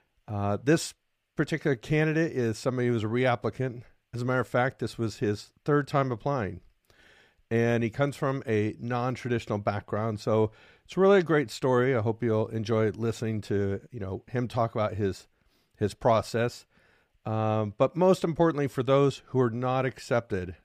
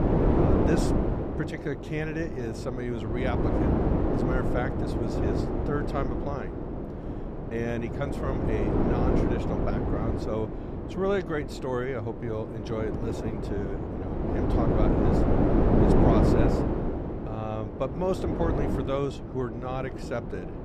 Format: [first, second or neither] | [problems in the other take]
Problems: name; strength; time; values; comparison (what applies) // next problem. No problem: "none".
first | wind noise on the microphone; heavy; 2 dB above the speech